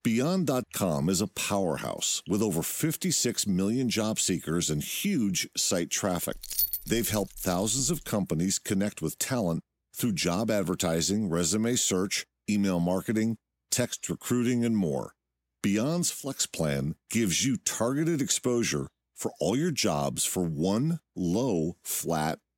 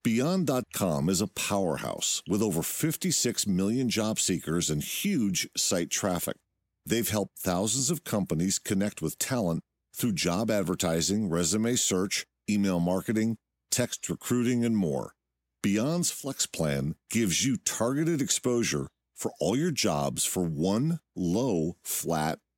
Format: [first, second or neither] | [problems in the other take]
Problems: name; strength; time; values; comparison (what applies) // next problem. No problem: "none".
second | jangling keys; loud; from 6.5 to 8 s; peak 1 dB above the speech